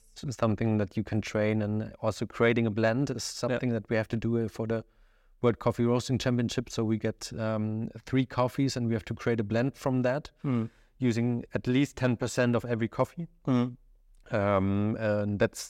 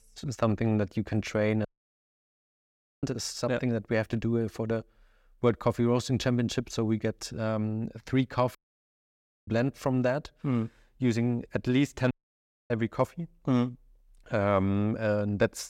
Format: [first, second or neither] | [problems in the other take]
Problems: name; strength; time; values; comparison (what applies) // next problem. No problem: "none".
first | audio cutting out; at 1.5 s for 1.5 s, at 8.5 s for 1 s and at 12 s for 0.5 s